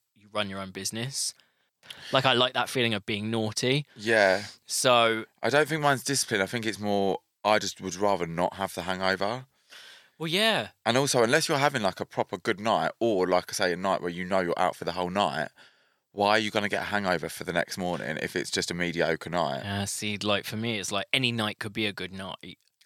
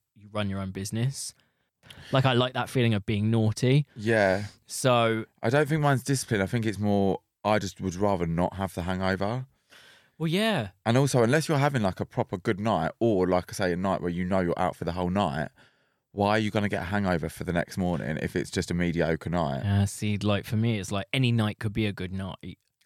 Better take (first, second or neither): second